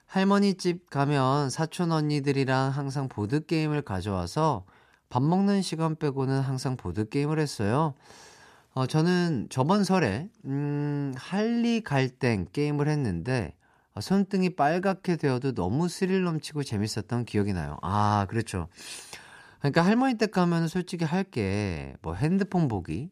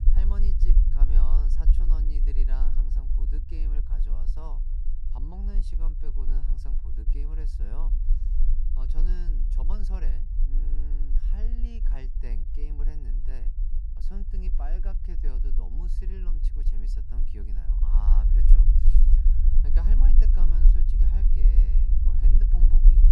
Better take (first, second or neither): first